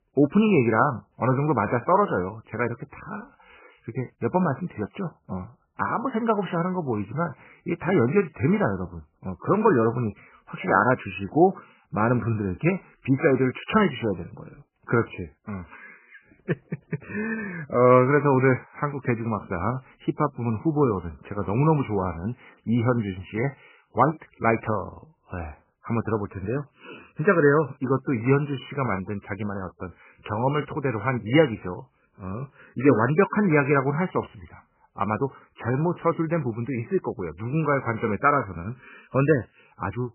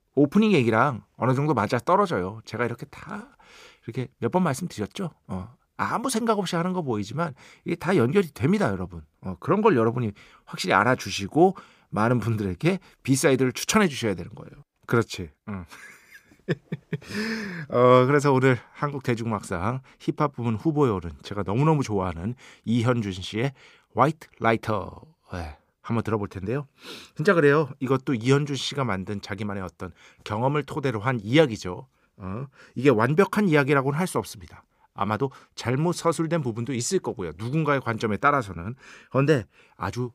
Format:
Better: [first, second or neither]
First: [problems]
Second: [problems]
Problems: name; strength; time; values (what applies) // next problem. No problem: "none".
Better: second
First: garbled, watery; badly; nothing above 3 kHz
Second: none